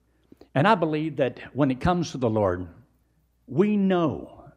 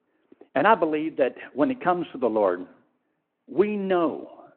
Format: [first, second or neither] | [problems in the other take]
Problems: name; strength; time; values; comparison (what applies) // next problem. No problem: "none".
first | phone-call audio